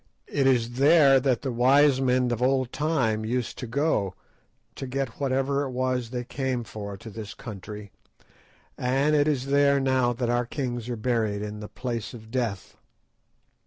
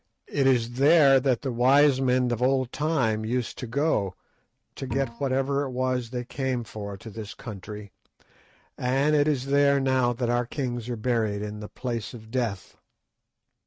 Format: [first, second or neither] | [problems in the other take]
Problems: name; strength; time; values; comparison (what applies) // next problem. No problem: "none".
first | noise reduction (neural mask model RNNoise)